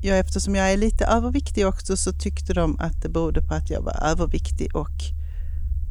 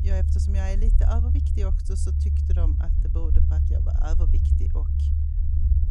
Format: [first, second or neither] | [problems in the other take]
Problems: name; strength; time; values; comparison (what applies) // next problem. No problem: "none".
first | low rumble; loud; throughout; as loud as the speech; faint in the first